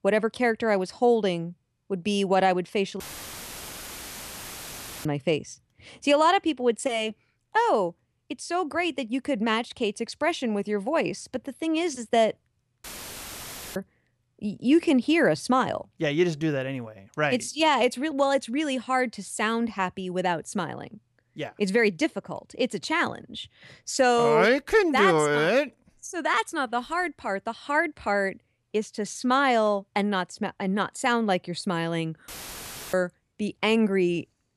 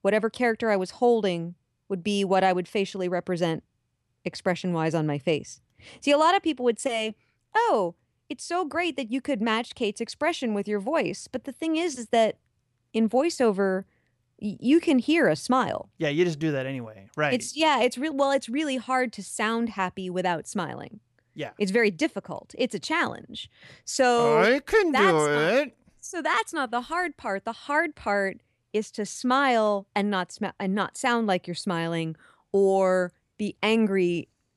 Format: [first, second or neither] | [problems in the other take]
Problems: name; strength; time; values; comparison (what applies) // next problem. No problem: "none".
second | audio cutting out; filled with static; at 3 s for 2 s, at 13 s for 1 s and at 32 s for 0.5 s